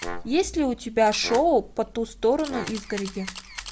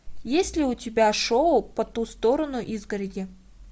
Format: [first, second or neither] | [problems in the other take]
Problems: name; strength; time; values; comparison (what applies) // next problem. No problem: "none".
second | background sound (Camera + Brass instrument); 14 dB below the speech